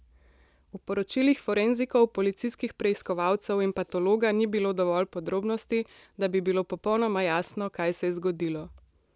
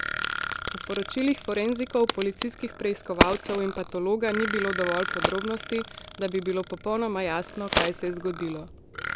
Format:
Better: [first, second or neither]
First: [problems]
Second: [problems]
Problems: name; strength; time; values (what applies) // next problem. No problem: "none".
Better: first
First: none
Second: background sound (Burping, eructation + Crack); 3 dB below the speech